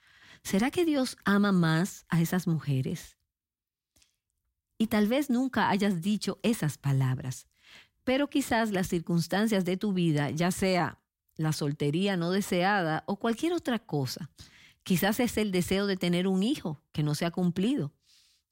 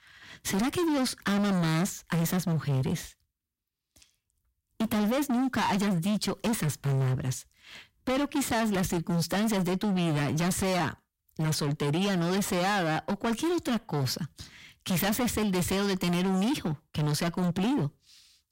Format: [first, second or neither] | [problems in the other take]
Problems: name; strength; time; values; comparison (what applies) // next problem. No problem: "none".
first | distortion; heavy; 28% of the sound clipped